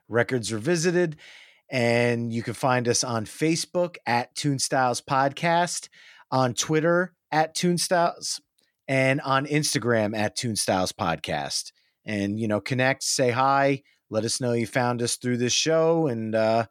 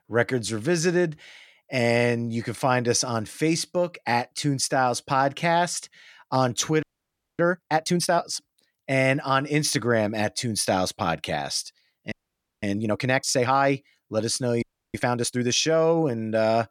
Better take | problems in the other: first | audio freezing; at 7 s for 0.5 s, at 12 s for 0.5 s and at 15 s

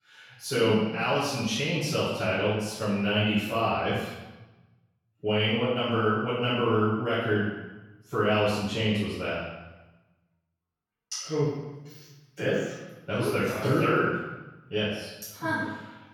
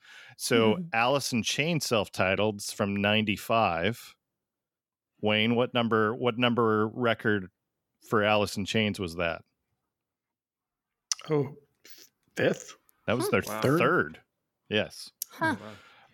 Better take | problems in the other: second | off-mic speech; far // room echo; strong; dies away in 1 s

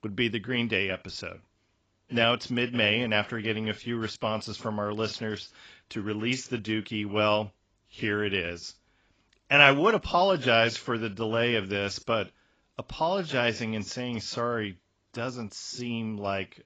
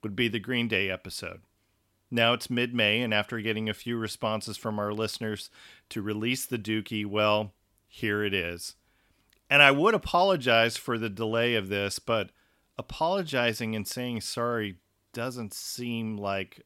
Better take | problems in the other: second | garbled, watery; badly; nothing above 7.5 kHz

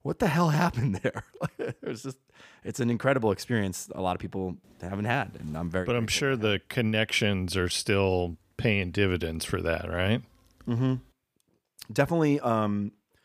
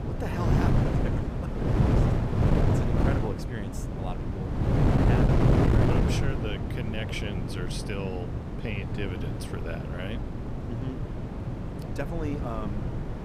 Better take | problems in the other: first | wind noise on the microphone; heavy; 4 dB above the speech

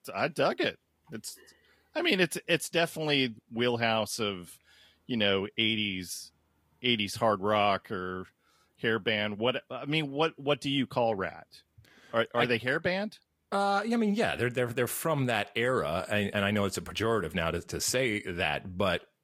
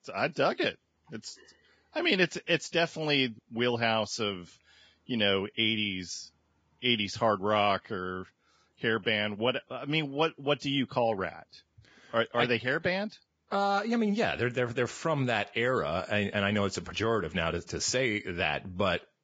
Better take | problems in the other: first | garbled, watery; badly; nothing above 7.5 kHz; slightly in the first

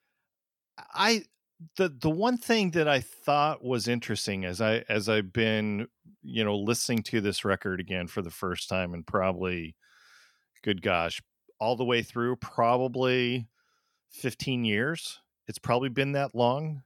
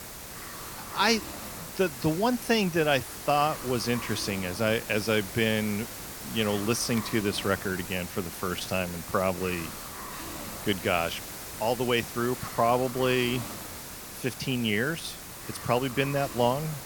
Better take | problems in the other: first | hiss; loud; throughout; 10 dB below the speech

